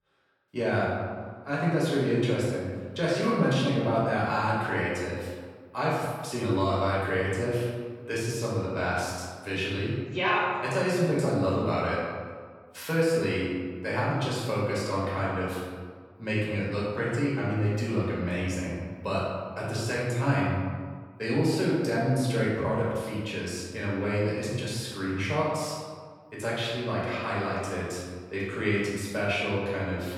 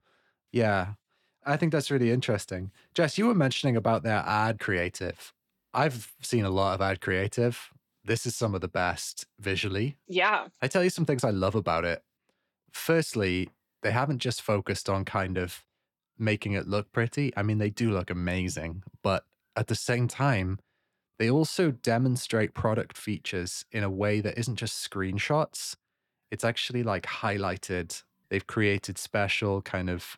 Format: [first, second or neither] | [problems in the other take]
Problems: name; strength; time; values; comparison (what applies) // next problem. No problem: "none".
second | room echo; strong; dies away in 1.5 s // off-mic speech; far